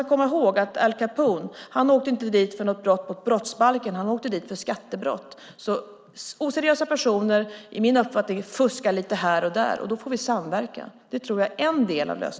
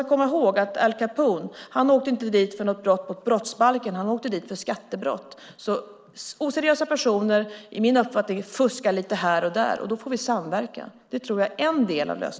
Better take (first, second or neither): first